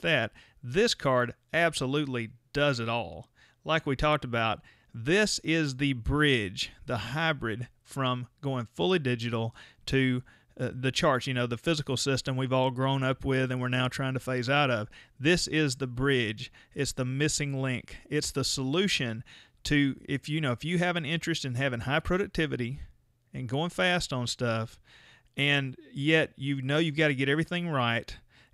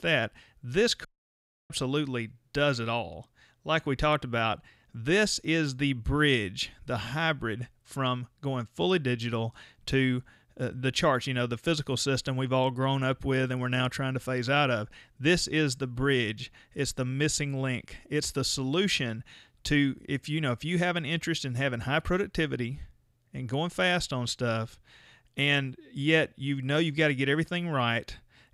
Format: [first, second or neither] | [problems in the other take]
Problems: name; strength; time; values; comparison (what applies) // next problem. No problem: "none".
first | audio cutting out; at 1 s for 0.5 s